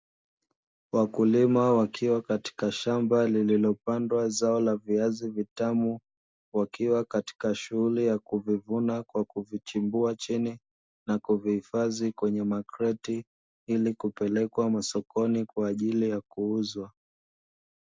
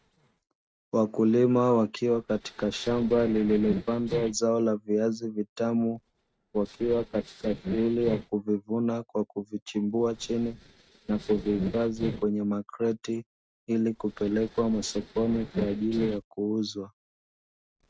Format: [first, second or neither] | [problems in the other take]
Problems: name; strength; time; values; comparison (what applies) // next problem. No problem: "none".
first | noise reduction (neural mask model RNNoise)